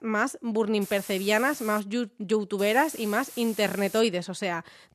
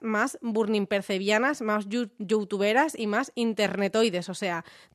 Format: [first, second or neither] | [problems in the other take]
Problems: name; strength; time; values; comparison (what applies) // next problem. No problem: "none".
second | hiss; noticeable; at 1 s and from 2.5 to 4 s; 15 dB below the speech